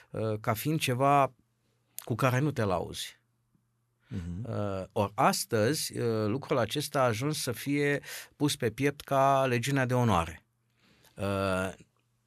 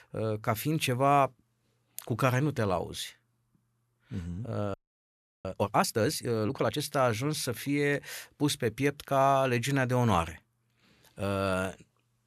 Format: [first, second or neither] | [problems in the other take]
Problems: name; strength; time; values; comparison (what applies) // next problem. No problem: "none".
first | audio freezing; at 4.5 s for 0.5 s